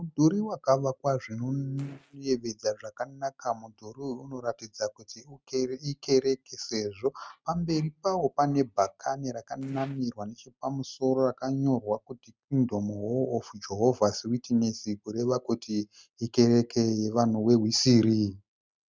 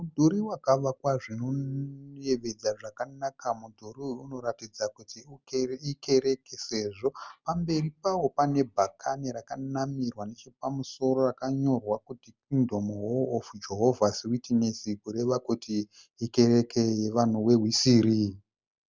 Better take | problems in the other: second | noise reduction (neural mask model RNNoise)

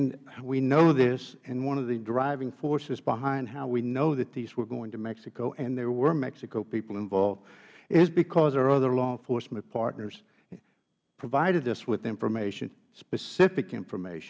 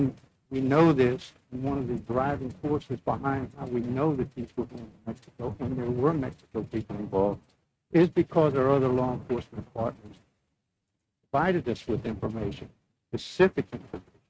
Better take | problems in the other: first | noise reduction (neural mask model RNNoise)

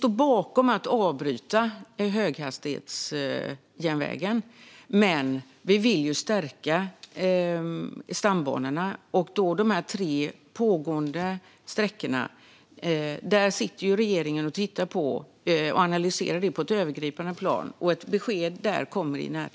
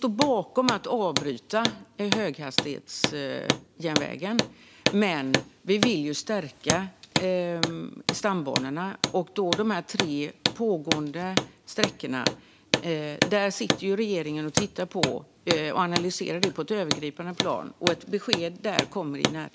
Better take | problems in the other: first | background sound (Hammer); 2 dB below the speech

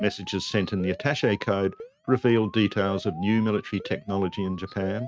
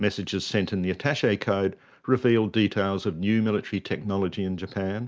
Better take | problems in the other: second | noise reduction (neural mask model RNNoise)

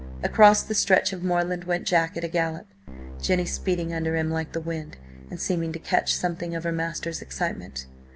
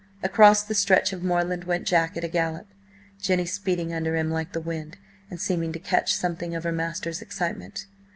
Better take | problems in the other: second | background sound (Keyboard (musical)); 16 dB below the speech

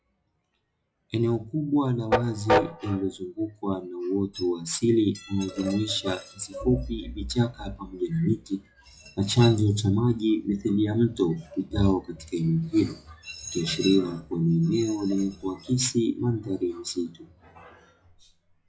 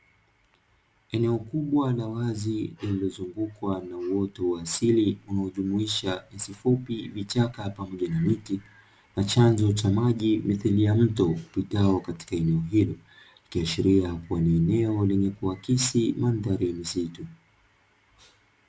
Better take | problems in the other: second | noise reduction (classical method log-MMSE)

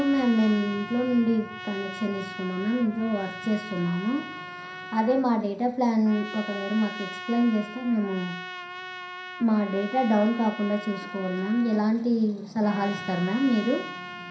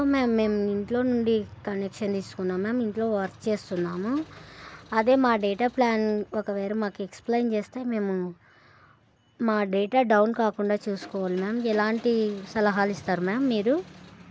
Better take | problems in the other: second | background sound (Trumpet); 12 dB below the speech // room echo; dies away in 0.5 s

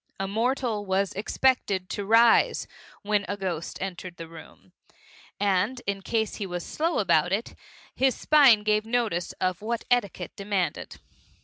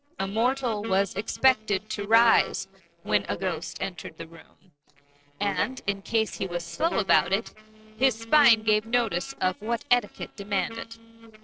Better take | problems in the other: first | noise reduction (neural separator model SepFormer DNS4)

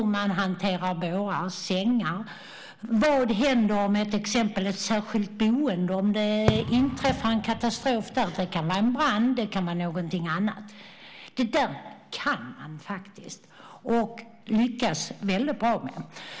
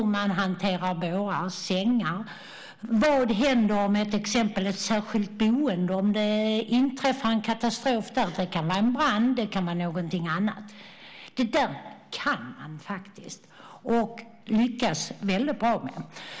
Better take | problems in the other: second | background sound (Fireworks); 8 dB below the speech

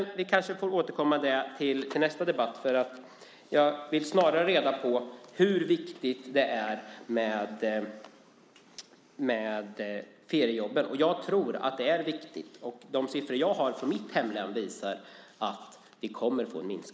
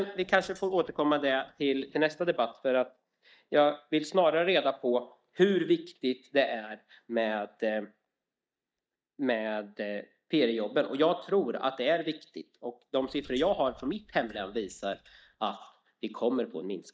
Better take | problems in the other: first | noise reduction (neural mask model DeepFilterNet 3)

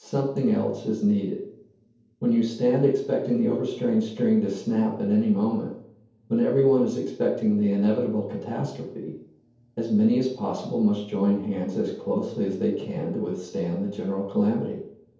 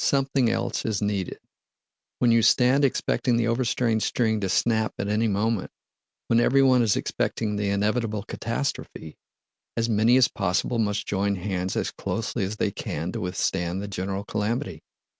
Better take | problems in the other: second | room echo; dies away in 0.7 s

